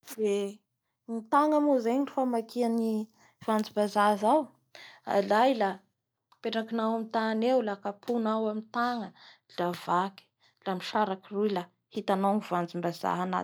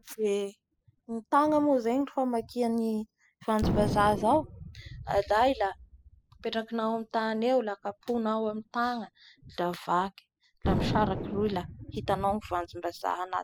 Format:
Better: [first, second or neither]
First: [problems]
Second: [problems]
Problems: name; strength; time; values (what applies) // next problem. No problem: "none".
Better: first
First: none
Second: noise reduction (classical method spectral subtraction)